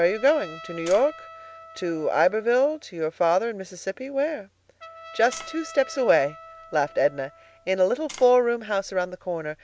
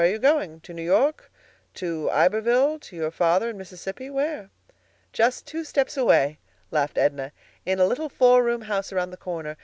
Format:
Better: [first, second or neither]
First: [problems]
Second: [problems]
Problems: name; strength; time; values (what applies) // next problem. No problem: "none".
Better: second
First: background sound (Tap + Trumpet); 20 dB below the speech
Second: none